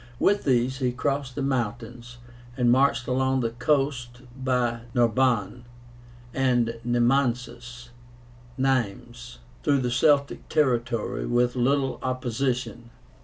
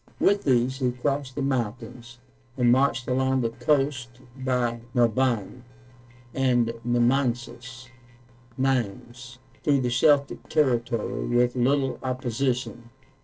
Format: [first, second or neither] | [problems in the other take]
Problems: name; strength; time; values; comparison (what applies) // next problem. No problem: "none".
first | noise reduction (neural separator model SepFormer DNS4)